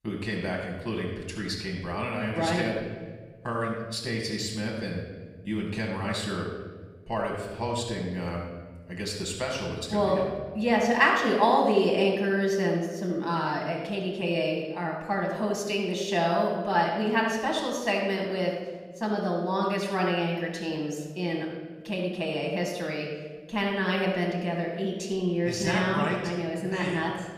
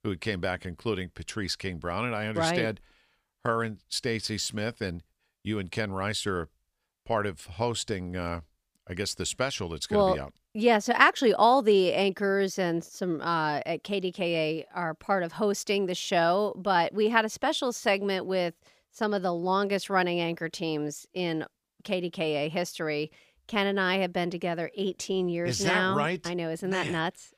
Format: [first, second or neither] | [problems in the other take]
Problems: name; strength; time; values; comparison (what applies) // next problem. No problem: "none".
second | off-mic speech; far // room echo; noticeable; dies away in 1.3 s